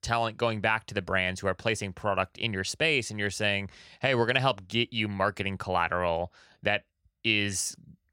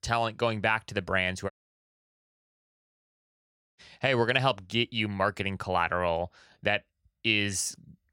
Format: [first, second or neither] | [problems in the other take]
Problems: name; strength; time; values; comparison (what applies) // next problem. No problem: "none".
first | audio cutting out; at 1.5 s for 2.5 s